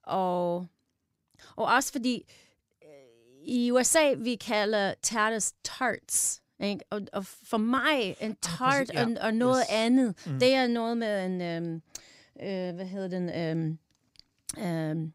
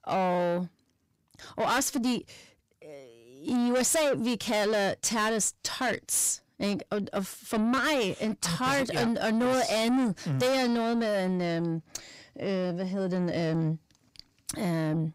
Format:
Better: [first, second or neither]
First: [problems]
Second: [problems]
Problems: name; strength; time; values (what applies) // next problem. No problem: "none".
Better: first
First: none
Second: distortion; heavy; 7 dB below the speech